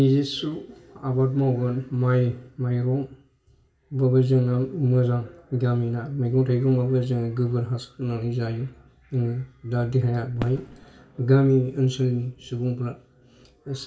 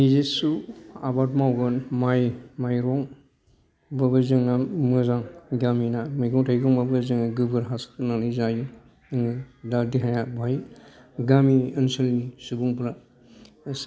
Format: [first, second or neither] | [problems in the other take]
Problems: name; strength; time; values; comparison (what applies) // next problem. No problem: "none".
second | background sound (Fireworks); 18 dB below the speech // room echo; dies away in 0.2 s